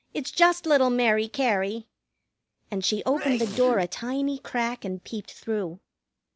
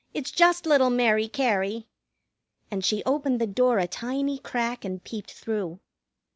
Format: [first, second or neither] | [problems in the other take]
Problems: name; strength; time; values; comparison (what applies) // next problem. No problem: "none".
second | background sound (Sneeze); 11 dB below the speech